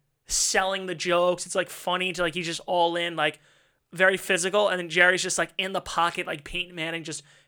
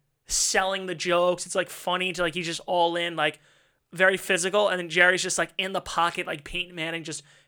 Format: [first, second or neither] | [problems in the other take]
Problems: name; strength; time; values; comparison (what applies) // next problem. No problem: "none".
neither | none